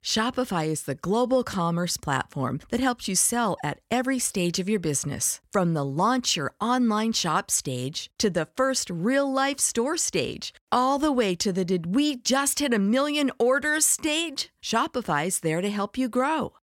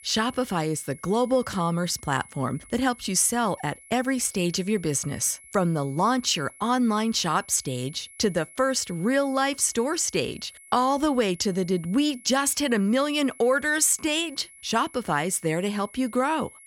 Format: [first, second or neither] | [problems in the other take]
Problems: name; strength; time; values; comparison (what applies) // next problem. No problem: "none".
first | high-pitched whine; faint; throughout; 11 kHz, 20 dB below the speech